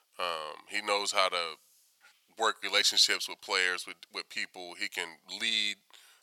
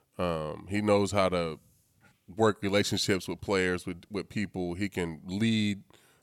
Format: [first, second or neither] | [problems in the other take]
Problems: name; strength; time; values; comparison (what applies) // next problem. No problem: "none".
second | thin; very; fading below 950 Hz